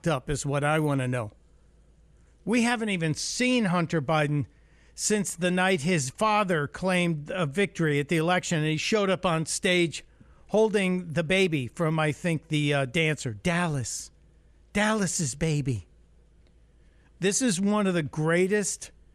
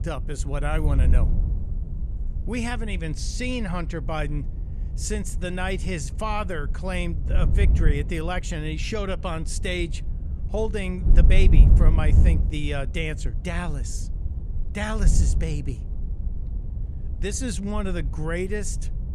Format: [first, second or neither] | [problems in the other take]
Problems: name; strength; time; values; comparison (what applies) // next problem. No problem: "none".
first | wind noise on the microphone; occasional gusts; 10 dB below the speech